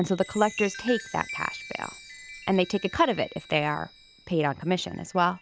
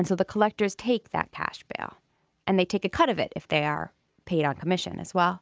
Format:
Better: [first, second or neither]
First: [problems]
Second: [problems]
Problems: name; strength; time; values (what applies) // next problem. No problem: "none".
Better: second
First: background sound (Chime); 15 dB below the speech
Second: none